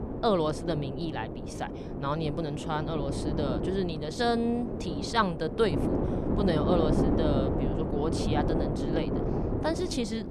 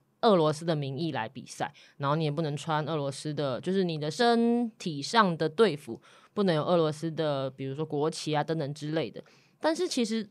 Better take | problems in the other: second | wind noise on the microphone; heavy; 3 dB below the speech

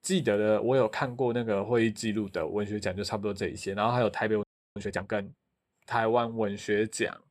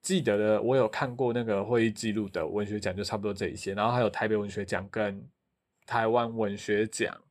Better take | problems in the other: second | audio freezing; at 4.5 s

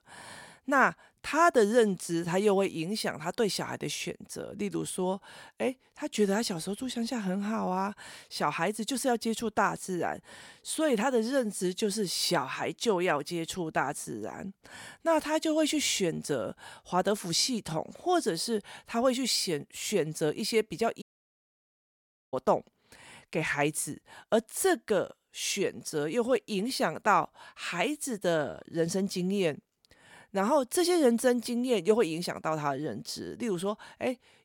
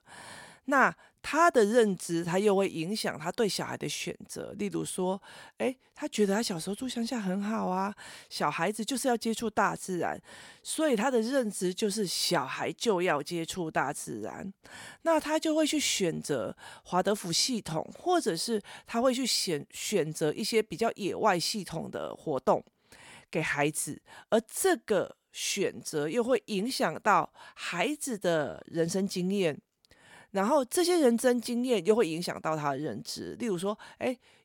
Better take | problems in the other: second | audio cutting out; at 21 s for 1.5 s

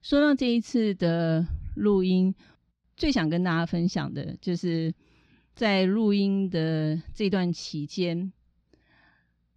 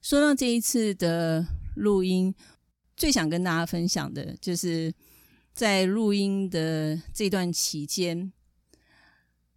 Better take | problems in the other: second | muffled; very slightly; fading above 4 kHz

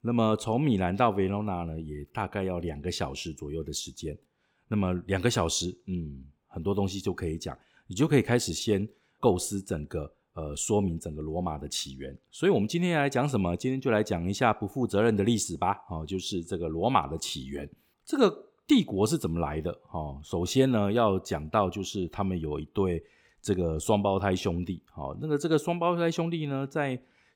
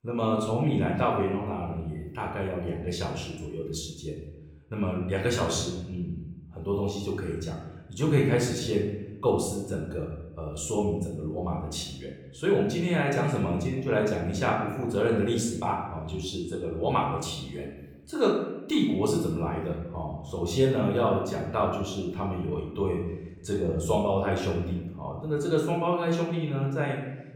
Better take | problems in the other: first | off-mic speech; somewhat distant // room echo; noticeable; dies away in 1 s

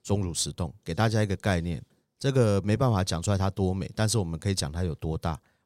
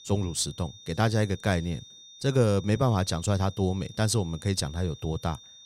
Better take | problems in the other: first | high-pitched whine; noticeable; throughout; 3.5 kHz, 20 dB below the speech

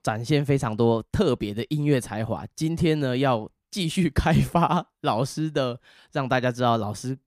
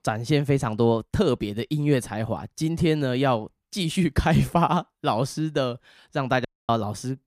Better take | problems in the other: first | audio cutting out; at 6.5 s

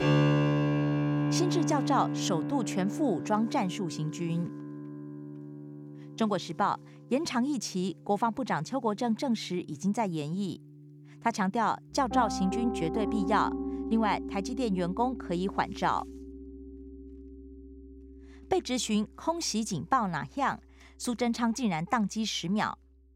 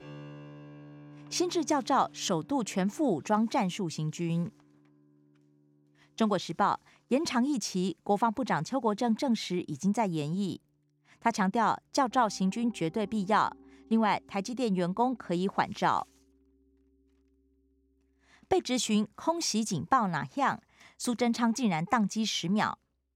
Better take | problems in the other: second | background music; loud; throughout; 3 dB below the speech; faint in the second

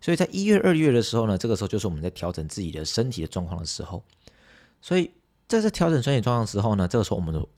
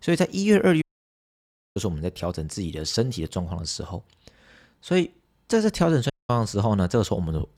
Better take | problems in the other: first | audio cutting out; at 1 s for 1 s and at 6 s

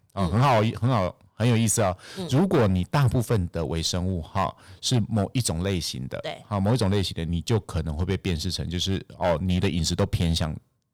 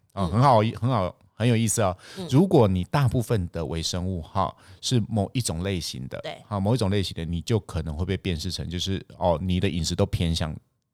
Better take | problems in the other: second | distortion; slight; 6% of the sound clipped

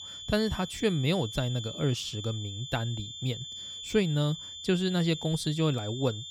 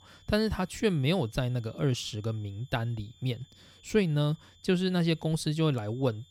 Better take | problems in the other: second | high-pitched whine; loud; throughout; 3.5 kHz, 9 dB below the speech; faint in the second

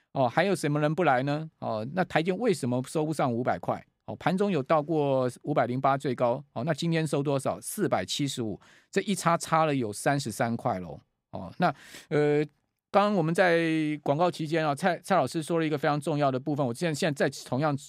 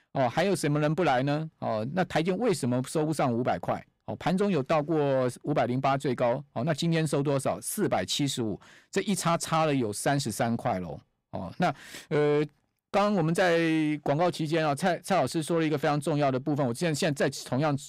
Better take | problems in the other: first | distortion; slight; 10 dB below the speech

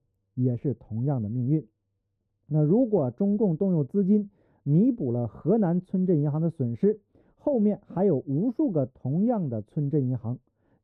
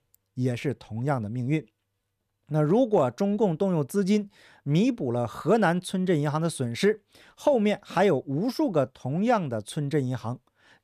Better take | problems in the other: second | muffled; very; fading above 1 kHz

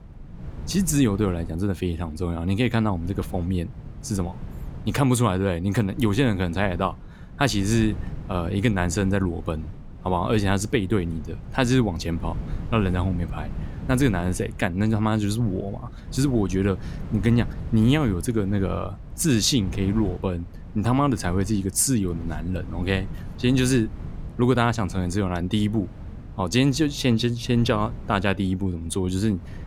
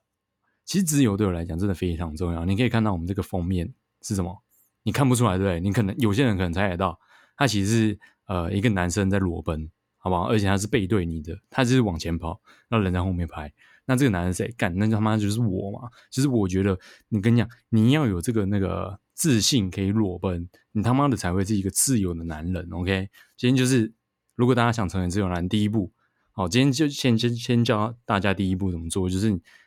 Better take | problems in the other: second | wind noise on the microphone; occasional gusts; 20 dB below the speech

